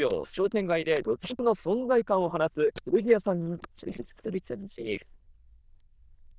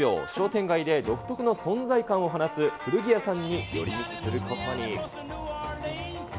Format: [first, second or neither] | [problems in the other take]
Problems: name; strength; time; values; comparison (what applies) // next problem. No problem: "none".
second | noise reduction (neural diffusion model UNIVERSE++)